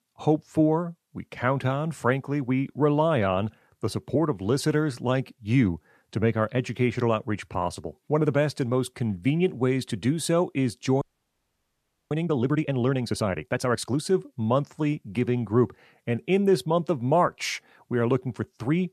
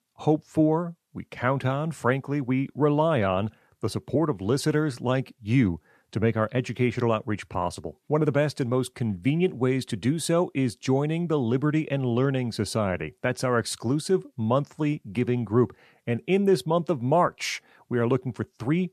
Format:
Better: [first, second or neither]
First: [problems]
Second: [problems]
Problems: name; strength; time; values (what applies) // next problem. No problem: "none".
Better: second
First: audio freezing; at 11 s for 1 s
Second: none